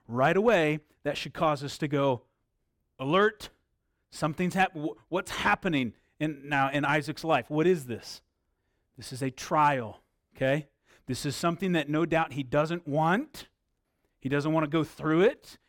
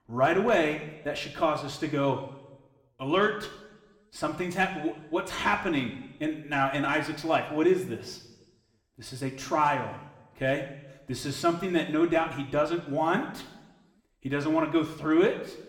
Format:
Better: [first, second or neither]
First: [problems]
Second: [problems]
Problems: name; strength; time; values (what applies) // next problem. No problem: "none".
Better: first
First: none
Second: room echo; slight; dies away in 0.8 s